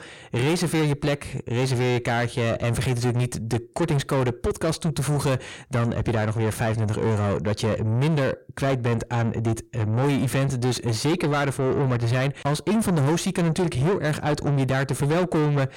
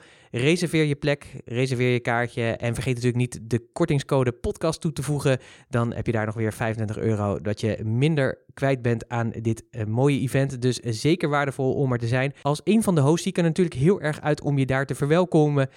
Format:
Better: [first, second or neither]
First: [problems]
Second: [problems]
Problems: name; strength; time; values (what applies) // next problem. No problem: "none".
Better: second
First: distortion; heavy; 6 dB below the speech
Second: none